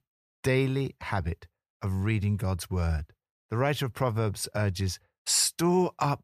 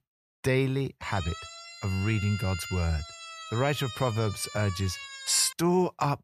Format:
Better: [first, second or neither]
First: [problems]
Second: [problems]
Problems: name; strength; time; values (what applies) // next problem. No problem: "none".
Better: first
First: none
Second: siren; noticeable; from 1 to 5.5 s; peak 8 dB below the speech